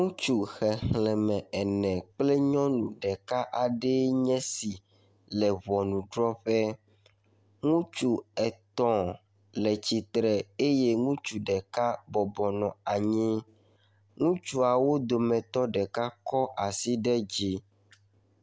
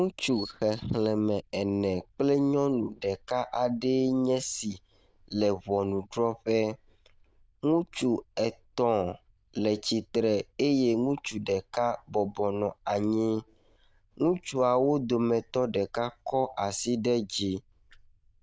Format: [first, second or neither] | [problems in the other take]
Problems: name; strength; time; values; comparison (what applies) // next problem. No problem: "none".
first | noise reduction (neural diffusion model UNIVERSE++)